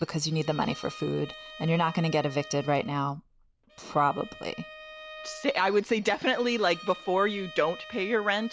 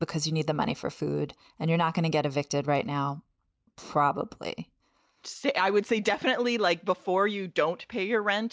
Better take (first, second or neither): second